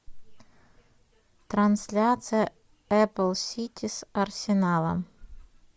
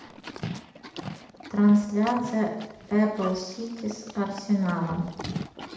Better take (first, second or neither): first